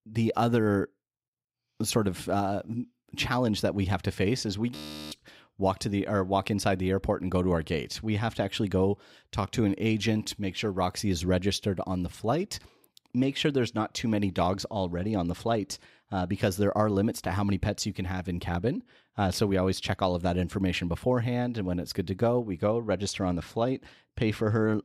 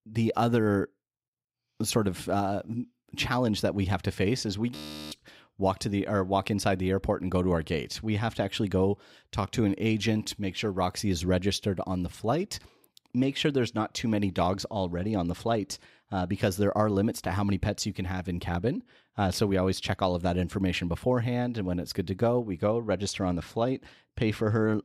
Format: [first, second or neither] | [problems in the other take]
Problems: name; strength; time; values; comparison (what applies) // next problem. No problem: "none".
neither | audio freezing; at 5 s; the same in both